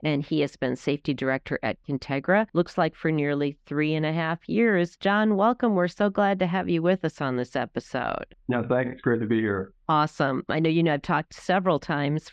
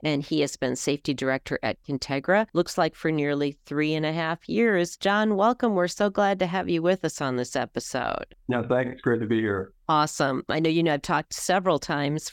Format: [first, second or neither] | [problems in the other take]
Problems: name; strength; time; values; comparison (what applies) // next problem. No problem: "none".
second | muffled; slightly; fading above 2.5 kHz